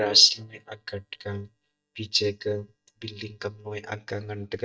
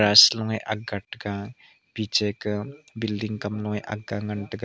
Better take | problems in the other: second | noise reduction (neural mask model DeepFilterNet 3)

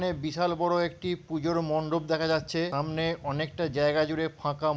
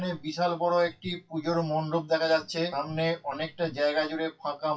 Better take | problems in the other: first | noise reduction (classical method WPE with log-MMSE)

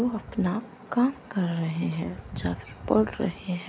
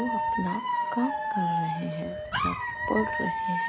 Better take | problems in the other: first | background sound (Alarm / Dog); 3 dB above the speech

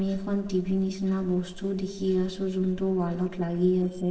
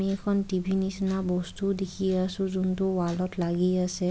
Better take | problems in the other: second | noise reduction (neural separator model SepFormer DNS4)

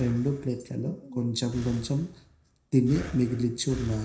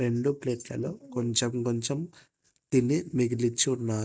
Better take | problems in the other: second | background sound (Breathing); 15 dB below the speech // room echo; dies away in 0.5 s

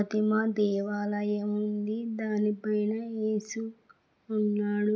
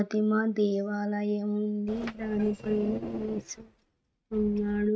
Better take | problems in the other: first | noise reduction (neural mask model RNNoise)

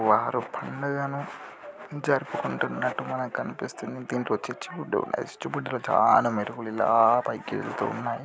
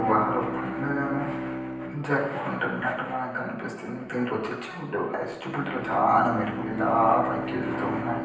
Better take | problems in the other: first | background sound (Bowed string instrument); 7 dB below the speech // room echo; dies away in 0.9 s

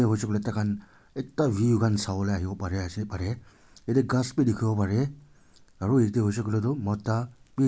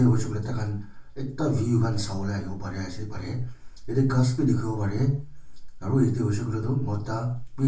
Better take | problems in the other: first | room echo; dies away in 0.3 s

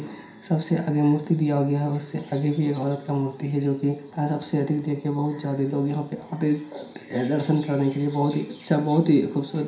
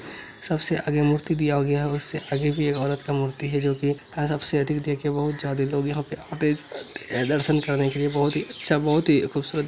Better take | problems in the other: second | room echo; dies away in 0.5 s

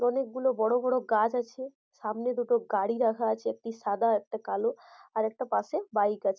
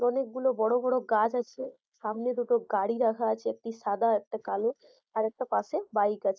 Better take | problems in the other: first | noise reduction (neural mask model Resemble Enhance denoiser)

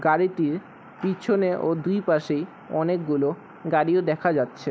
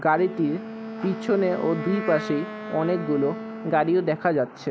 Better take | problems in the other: first | background sound (Wind instrument, woodwind instrument); 10 dB below the speech

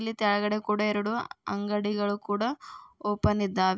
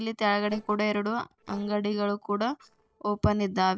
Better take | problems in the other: first | noise reduction (neural separator model SepFormer DNS4)

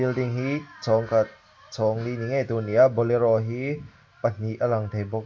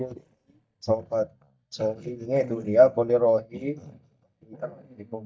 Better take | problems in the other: first | noise reduction (neural mask model DeepFilterNet 3)

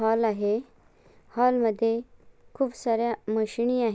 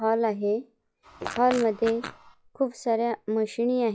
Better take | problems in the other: first | noise reduction (classical method log-MMSE)

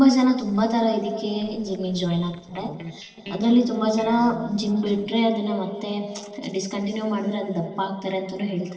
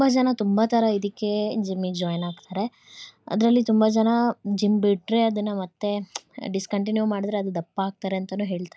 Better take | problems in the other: second | noise reduction (neural separator model SepFormer DNS4)

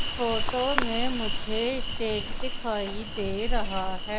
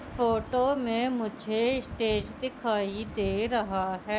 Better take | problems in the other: second | background sound (Insect); 3 dB above the speech

